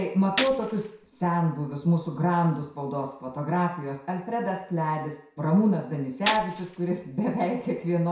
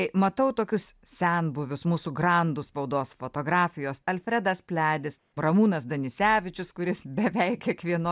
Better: second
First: background sound (Gunshot, gunfire); 11 dB below the speech // room echo; dies away in 0.6 s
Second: none

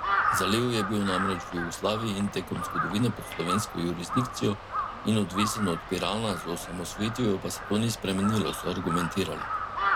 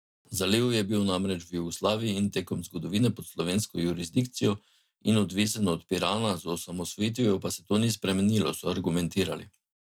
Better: second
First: background sound (Crow); 3 dB below the speech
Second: none

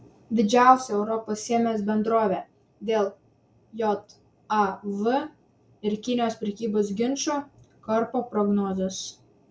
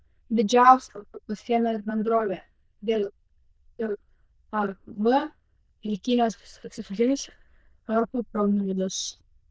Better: first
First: none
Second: noise reduction (neural diffusion model UNIVERSE++)

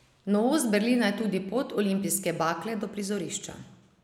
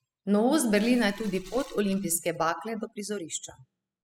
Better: first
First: none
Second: noise reduction (classical method spectral subtraction)

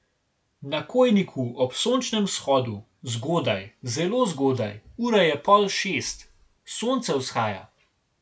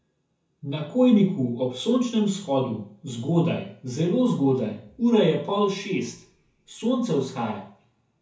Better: first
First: none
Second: room echo; dies away in 0.6 s

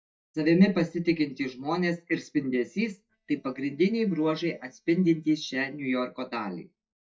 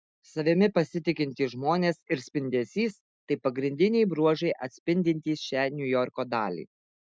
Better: second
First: noise reduction (neural mask model DeepFilterNet 3)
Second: none

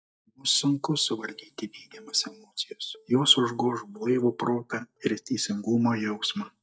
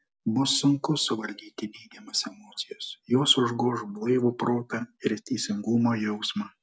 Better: second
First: noise reduction (neural mask model DeepFilterNet 3)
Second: none

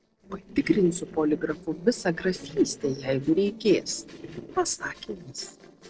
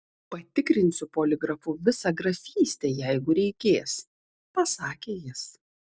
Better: second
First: noise reduction (neural separator model SepFormer DNS4)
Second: none

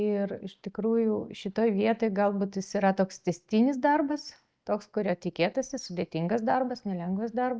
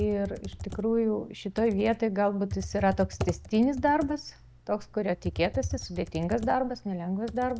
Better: first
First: none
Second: background sound (Computer keyboard); 11 dB below the speech

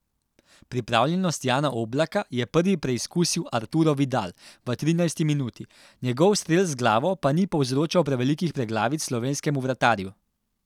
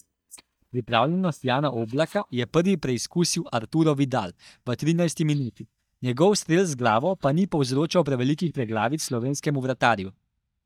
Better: first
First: none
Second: noise reduction (neural mask model DeepFilterNet 3)

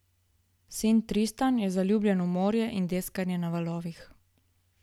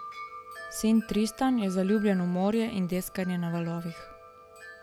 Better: first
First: none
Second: background sound (Wind chime); 17 dB below the speech

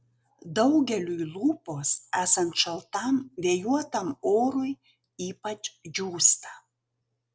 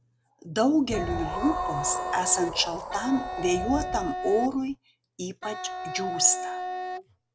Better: first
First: none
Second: background sound (Wind instrument, woodwind instrument + Wind); 4 dB below the speech

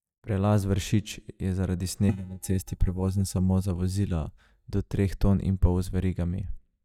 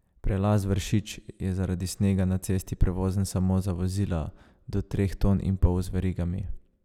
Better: second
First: noise reduction (neural mask model DeepFilterNet 3)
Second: none

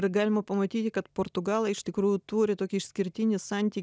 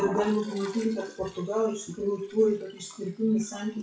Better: first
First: none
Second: noise reduction (classical method WPE with log-MMSE)

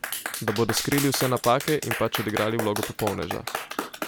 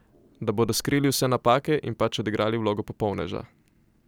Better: second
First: background sound (Clapping); 5 dB below the speech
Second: none

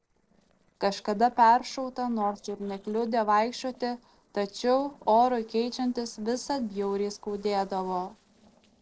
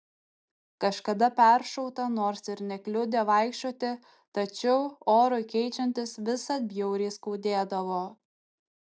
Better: second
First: noise reduction (neural separator model SepFormer DNS4)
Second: none

